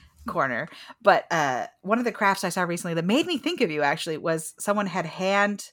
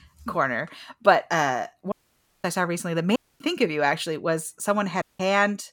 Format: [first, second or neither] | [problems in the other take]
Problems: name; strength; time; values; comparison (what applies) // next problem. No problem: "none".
first | audio cutting out; at 2 s for 0.5 s, at 3 s and at 5 s